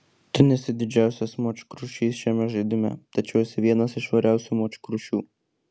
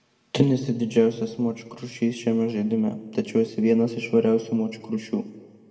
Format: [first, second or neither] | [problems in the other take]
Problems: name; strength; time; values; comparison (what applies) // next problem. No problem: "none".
first | room echo; dies away in 1.3 s